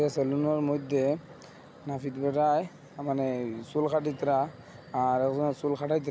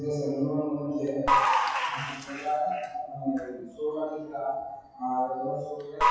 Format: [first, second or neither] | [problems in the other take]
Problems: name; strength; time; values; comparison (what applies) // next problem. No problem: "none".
first | noise reduction (classical method WPE with log-MMSE)